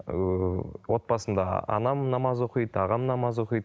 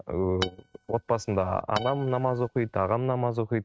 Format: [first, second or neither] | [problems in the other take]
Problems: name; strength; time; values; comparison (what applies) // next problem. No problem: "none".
first | noise reduction (neural mask model RNNoise)